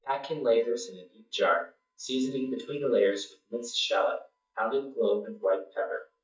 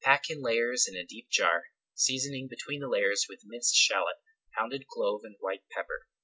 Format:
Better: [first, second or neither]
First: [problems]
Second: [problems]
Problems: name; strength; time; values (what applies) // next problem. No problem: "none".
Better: second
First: noise reduction (neural mask model DeepFilterNet 3)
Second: none